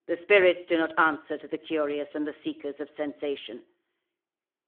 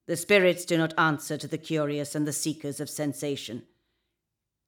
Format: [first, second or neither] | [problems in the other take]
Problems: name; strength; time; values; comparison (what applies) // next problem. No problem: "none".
second | phone-call audio